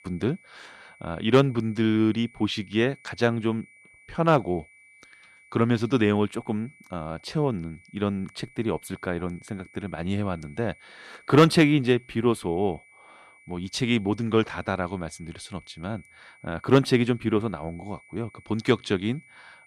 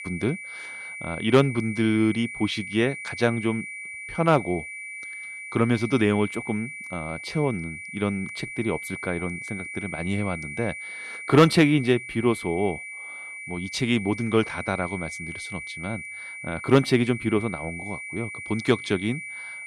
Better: first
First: high-pitched whine; faint; throughout; 2.5 kHz, 25 dB below the speech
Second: high-pitched whine; loud; throughout; 2.5 kHz, 9 dB below the speech

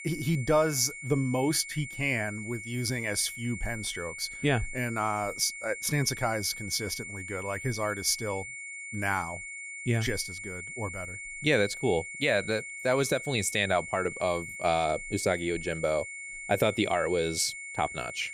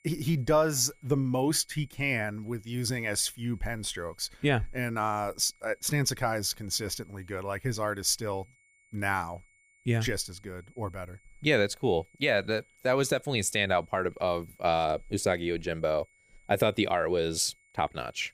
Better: second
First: high-pitched whine; loud; throughout; 2 kHz, 9 dB below the speech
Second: high-pitched whine; faint; throughout; 2 kHz, 35 dB below the speech

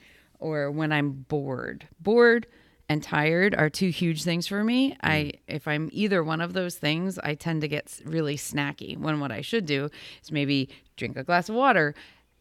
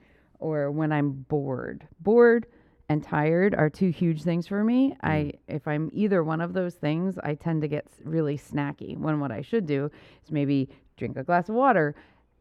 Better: first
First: none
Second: muffled; very; fading above 2 kHz

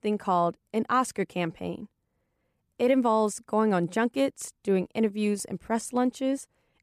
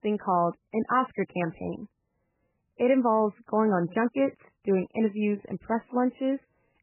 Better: first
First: none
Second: garbled, watery; badly; nothing above 3 kHz

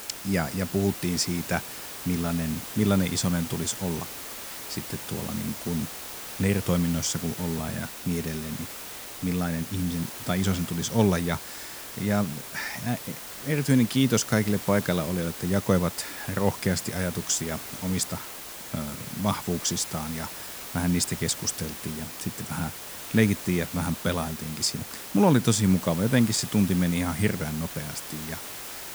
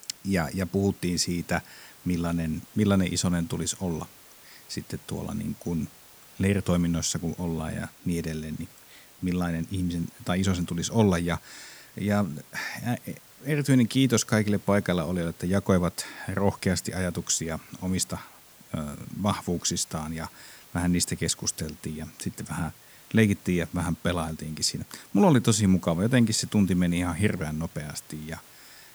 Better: second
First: hiss; loud; throughout; 9 dB below the speech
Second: hiss; faint; throughout; 20 dB below the speech

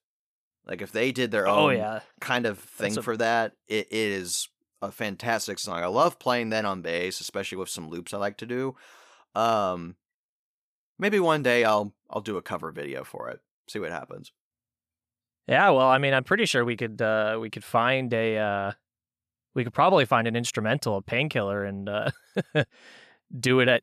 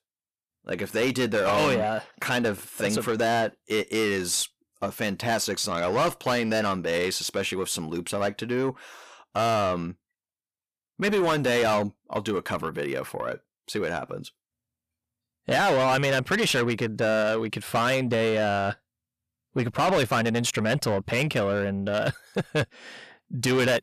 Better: first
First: none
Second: distortion; heavy; 7 dB below the speech

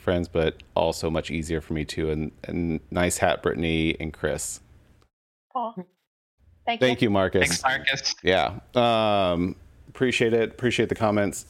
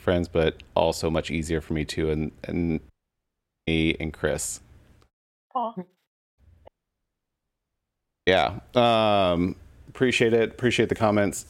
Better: first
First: none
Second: audio cutting out; at 3 s for 1 s and at 6.5 s for 1.5 s

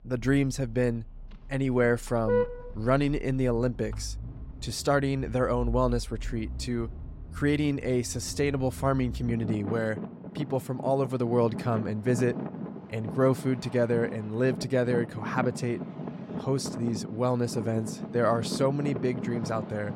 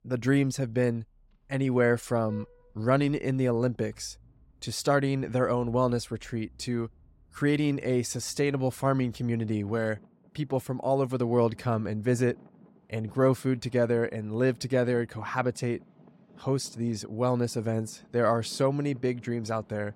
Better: second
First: traffic noise; loud; throughout; 9 dB below the speech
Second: traffic noise; faint; throughout; 25 dB below the speech

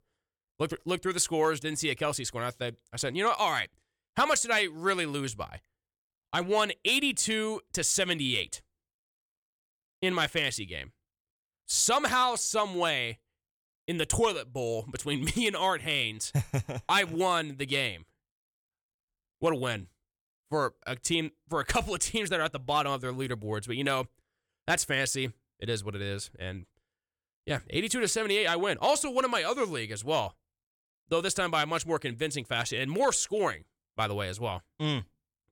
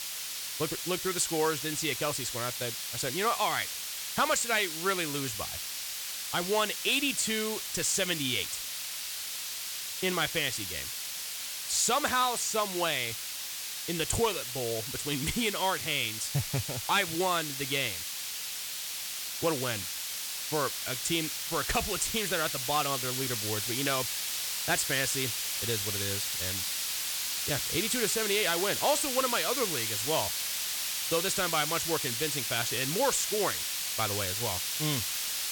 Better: first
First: none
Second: hiss; loud; throughout; 1 dB below the speech

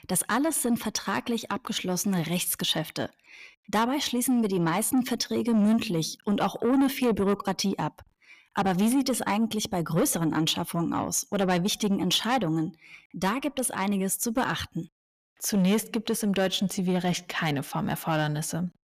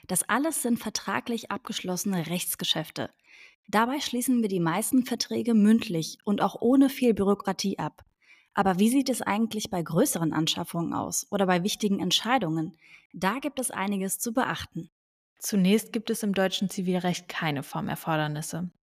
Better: second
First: distortion; slight; 10 dB below the speech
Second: none

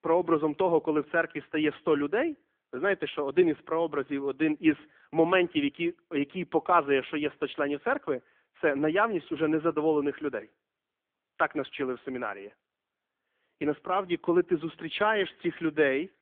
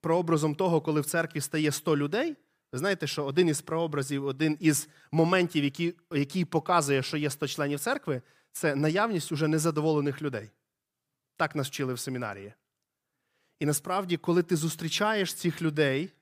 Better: second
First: phone-call audio; poor line; nothing above 3.5 kHz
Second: none

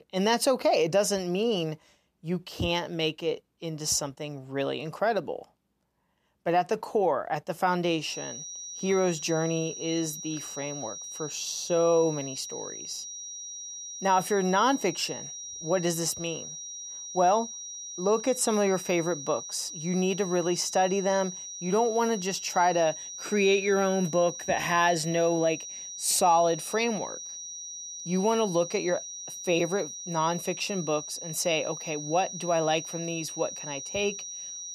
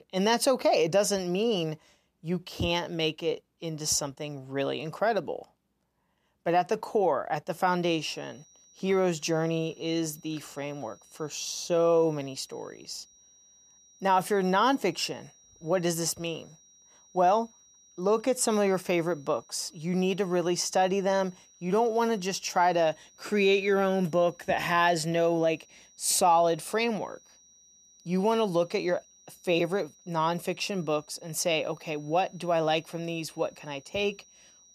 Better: second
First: high-pitched whine; loud; from 8 s on; 6 kHz, 9 dB below the speech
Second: high-pitched whine; faint; from 8 s on; 6 kHz, 30 dB below the speech

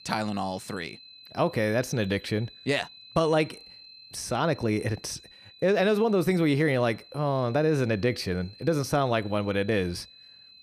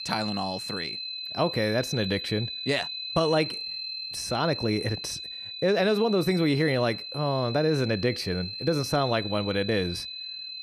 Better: first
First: high-pitched whine; faint; throughout; 4 kHz, 20 dB below the speech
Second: high-pitched whine; loud; throughout; 4 kHz, 6 dB below the speech

